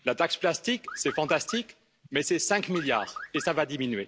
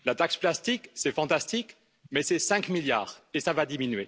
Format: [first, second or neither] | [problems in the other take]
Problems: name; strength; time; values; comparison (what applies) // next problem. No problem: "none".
second | background sound (Car); 13 dB below the speech